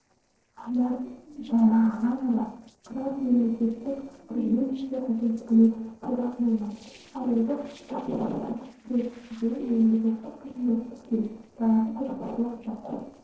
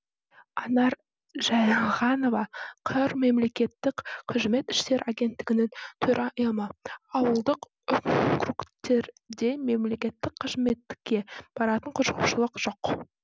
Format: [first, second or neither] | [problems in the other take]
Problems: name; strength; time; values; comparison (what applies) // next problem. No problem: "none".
second | noise reduction (neural separator model SepFormer DNS4)